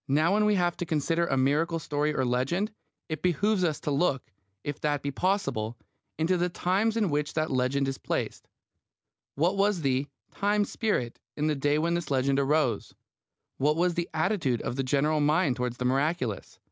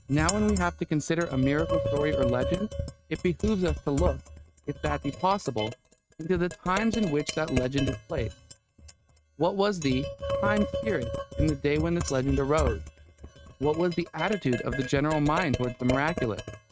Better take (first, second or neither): first